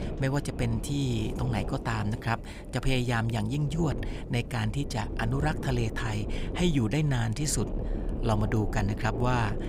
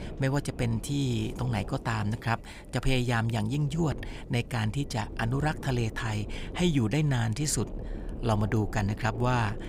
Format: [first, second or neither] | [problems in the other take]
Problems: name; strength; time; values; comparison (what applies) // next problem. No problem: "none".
second | wind noise on the microphone; heavy; 10 dB below the speech; occasional gusts in the second